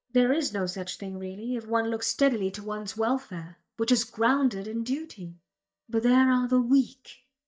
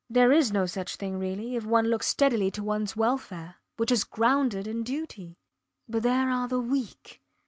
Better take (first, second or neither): second